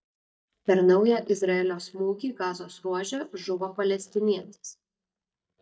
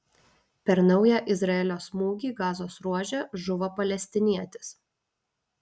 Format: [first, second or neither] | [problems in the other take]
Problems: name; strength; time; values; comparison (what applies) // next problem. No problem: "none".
second | noise reduction (neural mask model DeepFilterNet 3)